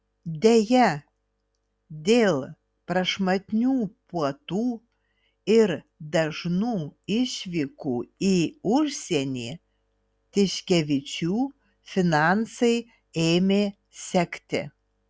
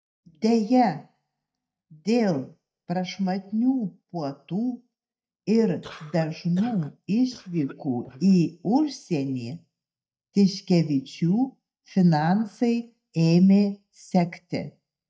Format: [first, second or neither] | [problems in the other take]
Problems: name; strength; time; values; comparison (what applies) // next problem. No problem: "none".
first | noise reduction (neural mask model DeepFilterNet 3)